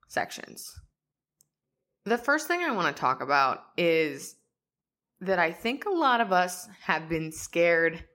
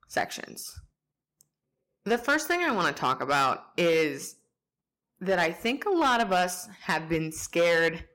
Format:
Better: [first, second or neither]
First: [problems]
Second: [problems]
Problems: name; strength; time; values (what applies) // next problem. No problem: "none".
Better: first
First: none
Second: distortion; slight; 6% of the sound clipped